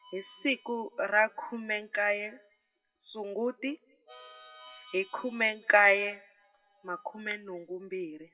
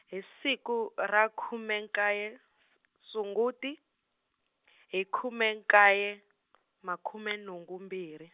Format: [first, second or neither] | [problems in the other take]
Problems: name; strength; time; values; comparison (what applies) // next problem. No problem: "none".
second | noise reduction (classical method WPE with log-MMSE)